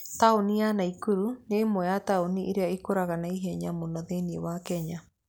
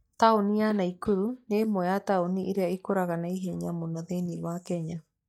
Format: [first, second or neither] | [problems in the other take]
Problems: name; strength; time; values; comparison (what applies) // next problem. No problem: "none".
first | noise reduction (neural mask model DeepFilterNet 3)